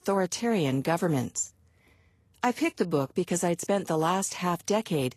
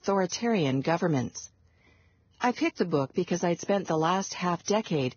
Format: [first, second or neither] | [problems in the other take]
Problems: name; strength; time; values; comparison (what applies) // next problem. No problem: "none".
first | garbled, watery; badly; nothing above 6.5 kHz; slightly in the first